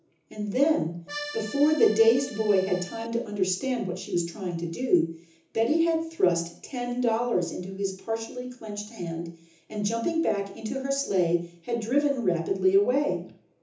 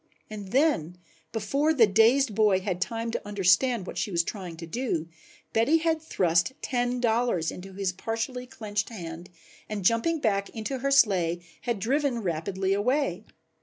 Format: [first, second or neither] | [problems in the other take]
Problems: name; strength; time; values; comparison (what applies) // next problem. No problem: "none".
second | background sound (Accordion); 13 dB below the speech // room echo; dies away in 0.6 s